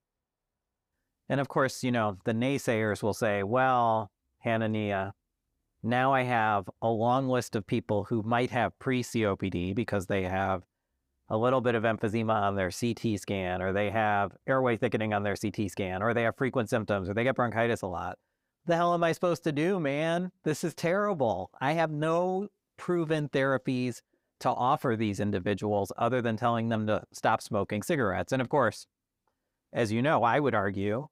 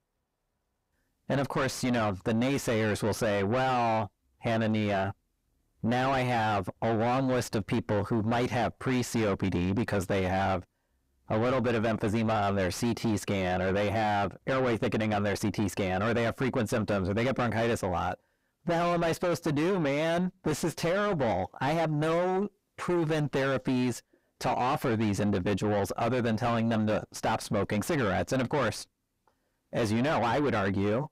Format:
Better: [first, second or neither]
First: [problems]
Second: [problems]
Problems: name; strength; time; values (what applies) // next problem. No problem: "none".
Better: first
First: none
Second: distortion; heavy; 6 dB below the speech